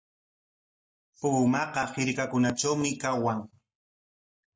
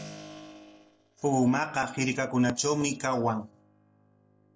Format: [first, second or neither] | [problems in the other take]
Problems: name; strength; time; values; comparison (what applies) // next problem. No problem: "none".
first | noise reduction (neural separator model SepFormer DNS4)